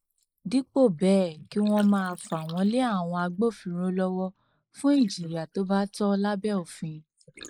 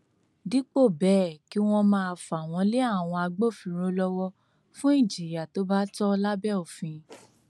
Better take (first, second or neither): second